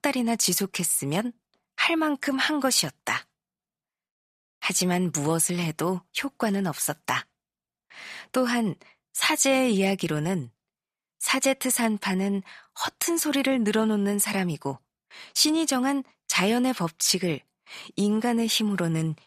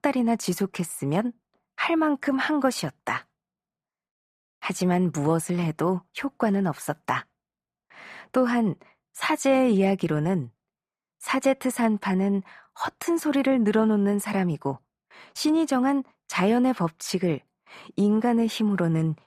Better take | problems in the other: first | muffled; slightly; fading above 2.5 kHz

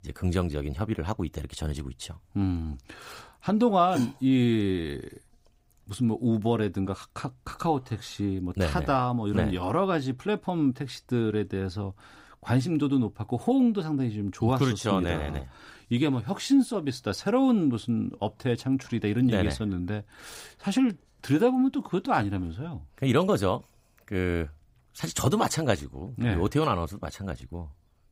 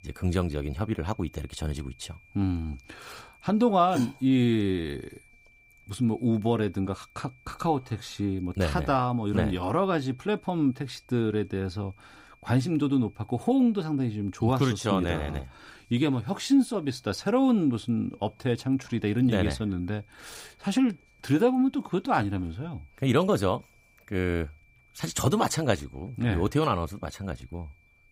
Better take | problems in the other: first | high-pitched whine; faint; throughout; 2.5 kHz, 30 dB below the speech

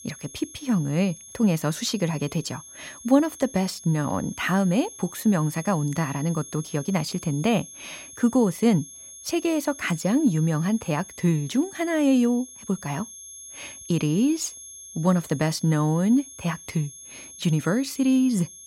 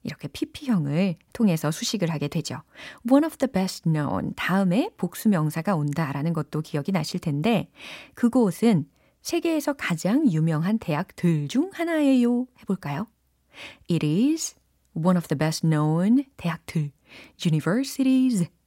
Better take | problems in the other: second | high-pitched whine; noticeable; throughout; 6.5 kHz, 15 dB below the speech

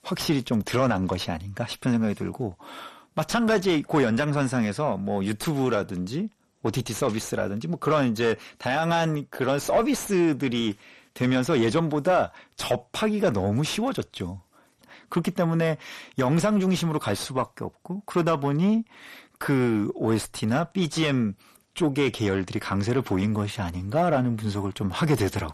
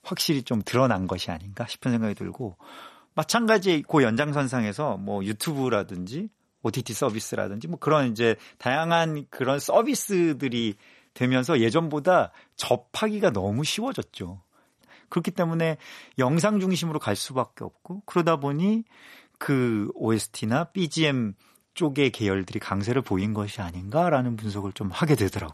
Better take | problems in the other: second | distortion; slight; 10 dB below the speech

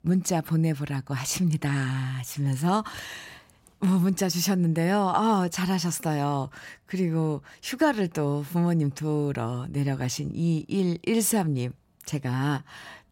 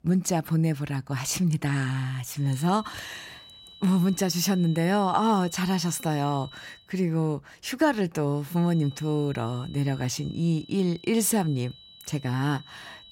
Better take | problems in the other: first | high-pitched whine; faint; from 2.5 to 7 s and from 8.5 s on; 4 kHz, 20 dB below the speech

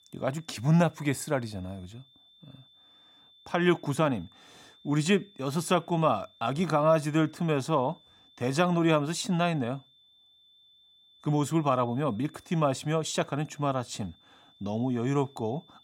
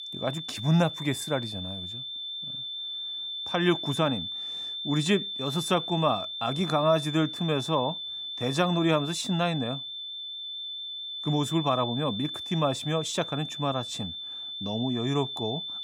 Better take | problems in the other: first | high-pitched whine; loud; throughout; 3.5 kHz, 5 dB below the speech; faint in the first

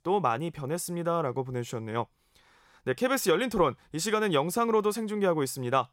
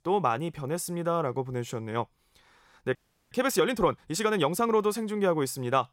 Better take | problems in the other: first | audio freezing; at 3 s

